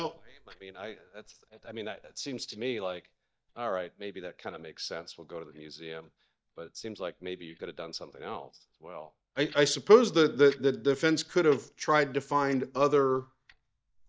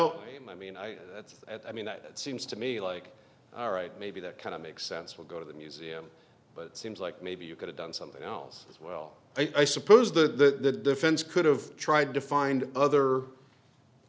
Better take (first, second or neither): second